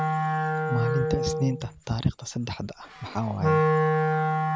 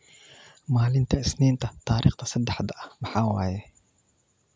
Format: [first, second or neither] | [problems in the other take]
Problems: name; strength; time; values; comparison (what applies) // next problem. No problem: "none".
second | background sound (Wind instrument, woodwind instrument); 4 dB above the speech